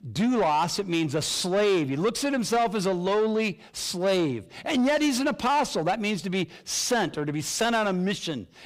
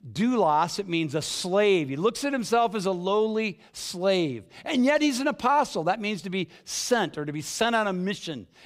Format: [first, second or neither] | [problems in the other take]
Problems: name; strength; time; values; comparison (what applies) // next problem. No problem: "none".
second | distortion; slight; 10 dB below the speech